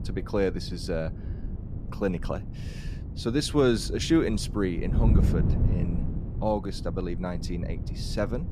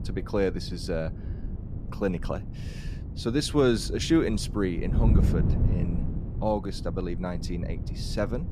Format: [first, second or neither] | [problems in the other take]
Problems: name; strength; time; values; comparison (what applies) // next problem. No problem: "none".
neither | wind noise on the microphone; occasional gusts; 10 dB below the speech; the same in both